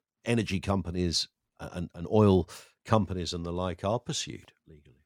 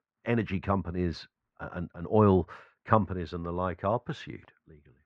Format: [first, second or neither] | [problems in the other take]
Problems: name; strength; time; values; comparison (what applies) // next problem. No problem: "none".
first | muffled; very; fading above 1.5 kHz